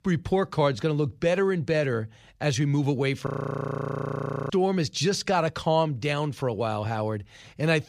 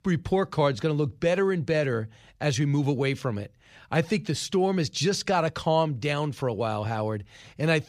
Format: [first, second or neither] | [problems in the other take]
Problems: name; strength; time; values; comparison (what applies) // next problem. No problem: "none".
second | audio freezing; at 3.5 s for 1 s